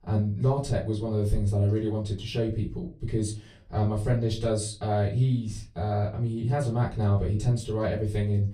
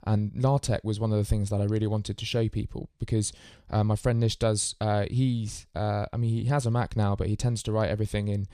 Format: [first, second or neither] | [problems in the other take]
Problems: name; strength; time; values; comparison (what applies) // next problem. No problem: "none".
second | off-mic speech; far // room echo; very slight; dies away in 0.3 s